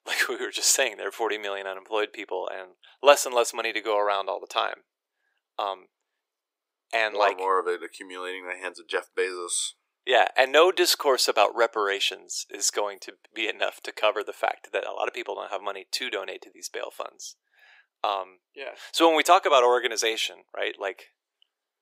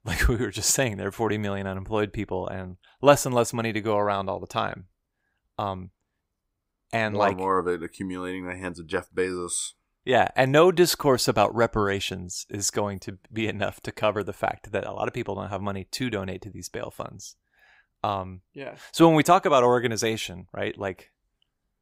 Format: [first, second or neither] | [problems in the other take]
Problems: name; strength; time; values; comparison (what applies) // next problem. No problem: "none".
second | thin; very; fading below 400 Hz